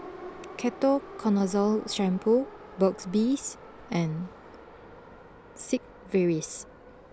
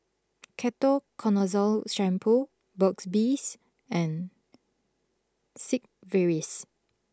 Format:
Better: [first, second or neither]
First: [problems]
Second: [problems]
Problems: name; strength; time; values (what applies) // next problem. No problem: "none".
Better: second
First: background sound (Subway, metro, underground); 16 dB below the speech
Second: none